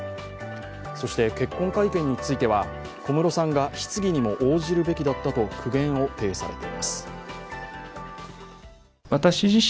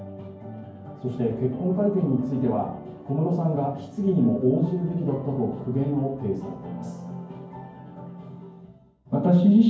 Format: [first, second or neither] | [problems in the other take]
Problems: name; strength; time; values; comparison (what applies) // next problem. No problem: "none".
first | room echo; dies away in 0.9 s